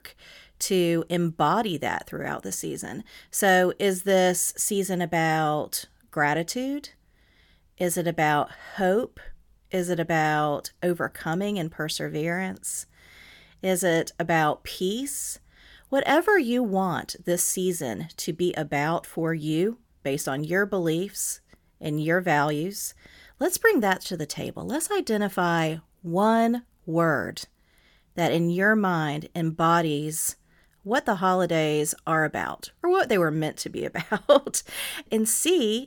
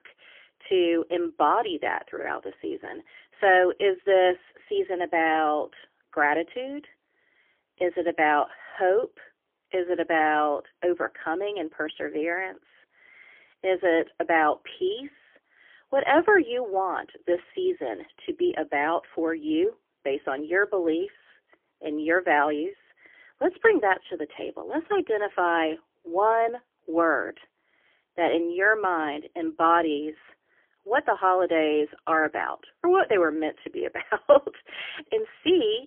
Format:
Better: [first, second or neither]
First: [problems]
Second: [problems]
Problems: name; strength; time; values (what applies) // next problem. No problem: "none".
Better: first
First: none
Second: phone-call audio; poor line; nothing above 3.5 kHz